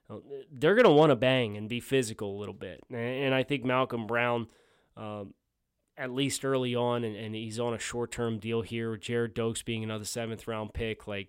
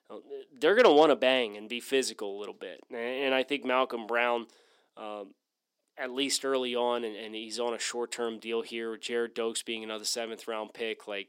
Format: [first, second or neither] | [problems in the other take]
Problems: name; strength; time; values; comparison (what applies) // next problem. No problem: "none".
first | thin; very slightly; fading below 250 Hz